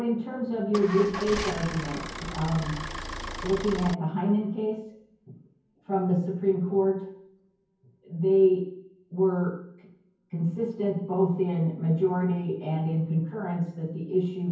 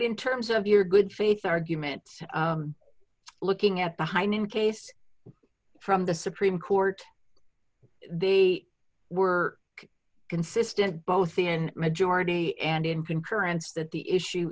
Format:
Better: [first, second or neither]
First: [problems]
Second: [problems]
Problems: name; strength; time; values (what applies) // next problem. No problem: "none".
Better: second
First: background sound (Idling / Engine starting / Motor vehicle (road)); 7 dB below the speech // room echo; dies away in 0.9 s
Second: none